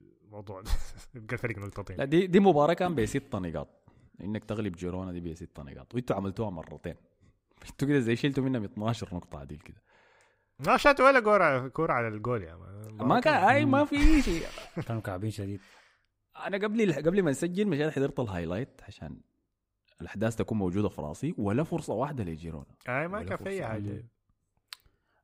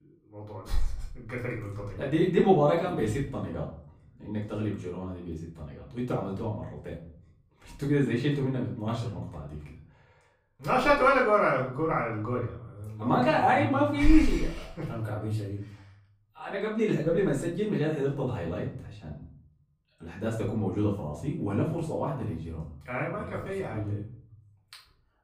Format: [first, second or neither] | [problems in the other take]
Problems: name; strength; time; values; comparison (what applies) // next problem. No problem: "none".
first | room echo; slight; dies away in 0.6 s // off-mic speech; far